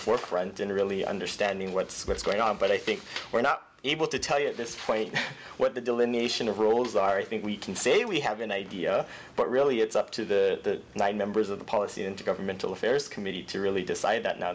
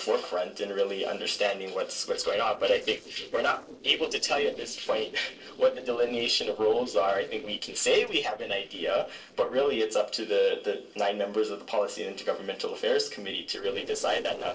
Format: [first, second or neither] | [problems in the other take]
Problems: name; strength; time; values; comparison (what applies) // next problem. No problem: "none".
first | noise reduction (neural separator model SepFormer DNS4)